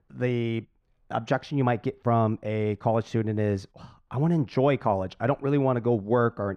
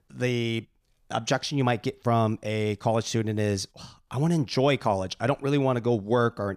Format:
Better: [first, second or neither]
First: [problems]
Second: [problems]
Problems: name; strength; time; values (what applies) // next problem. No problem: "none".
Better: second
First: muffled; very; fading above 3 kHz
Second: none